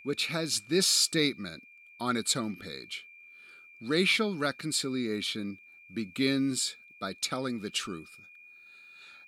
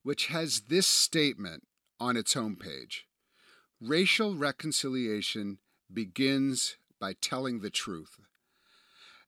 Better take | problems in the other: second | high-pitched whine; faint; throughout; 2.5 kHz, 20 dB below the speech

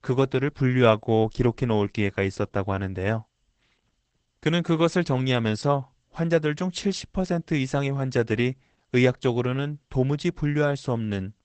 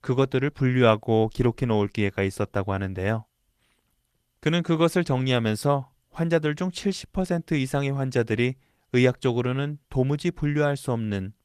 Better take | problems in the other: second | garbled, watery; badly; nothing above 8 kHz; slightly in the second

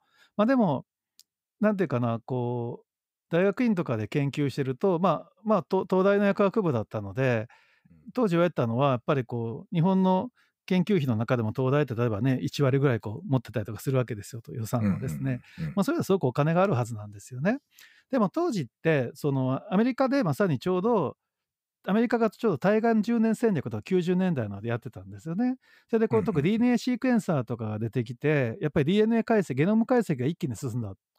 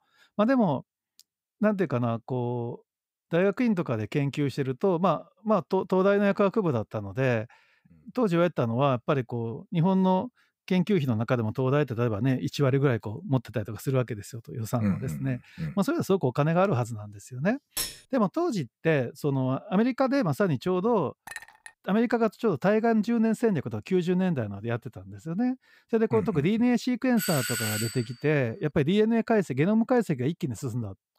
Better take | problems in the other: first | clattering dishes; noticeable; at 18 s; peak 5 dB below the speech // clattering dishes; faint; at 21 s; peak 15 dB below the speech // doorbell; noticeable; at 27 s; peak 2 dB below the speech

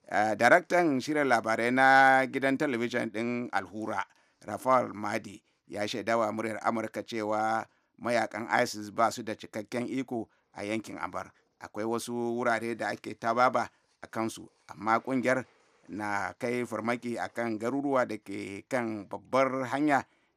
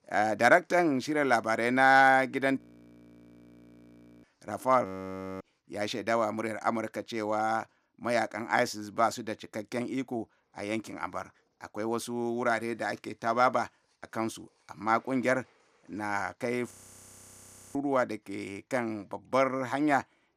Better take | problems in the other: first | audio freezing; at 2.5 s for 1.5 s, at 5 s for 0.5 s and at 17 s for 1 s

